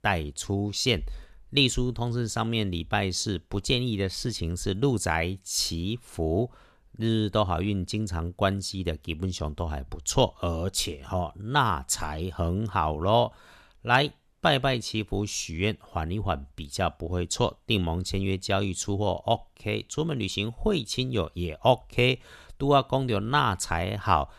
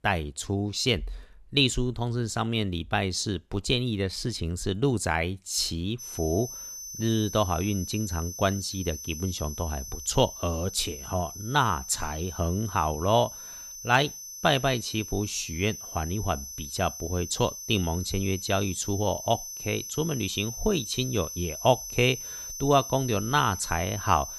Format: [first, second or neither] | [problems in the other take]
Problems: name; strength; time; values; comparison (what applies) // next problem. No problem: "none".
first | high-pitched whine; loud; from 6 s on; 6 kHz, 9 dB below the speech